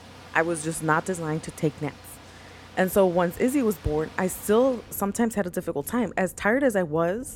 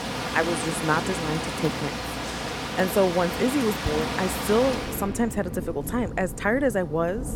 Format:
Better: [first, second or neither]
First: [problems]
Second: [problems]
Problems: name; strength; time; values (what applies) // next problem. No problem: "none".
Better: first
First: rain or running water; faint; throughout; 20 dB below the speech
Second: rain or running water; loud; throughout; 4 dB below the speech